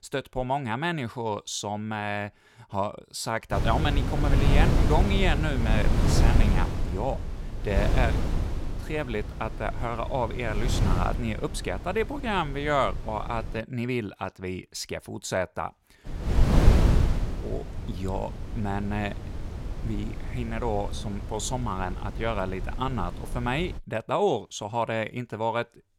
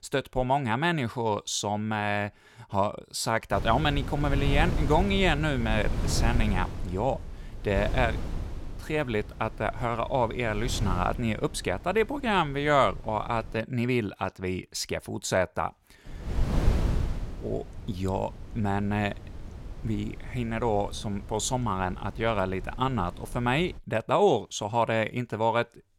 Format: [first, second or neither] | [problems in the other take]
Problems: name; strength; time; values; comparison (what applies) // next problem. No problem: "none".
second | wind noise on the microphone; heavy; from 3.5 to 14 s and from 16 to 24 s; 7 dB below the speech; occasional gusts in the second